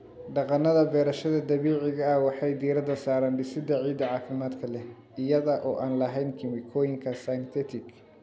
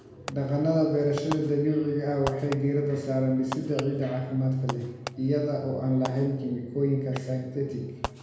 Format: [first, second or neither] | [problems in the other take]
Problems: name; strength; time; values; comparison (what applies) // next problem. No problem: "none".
first | background sound (Fireworks); 15 dB below the speech // room echo; dies away in 1 s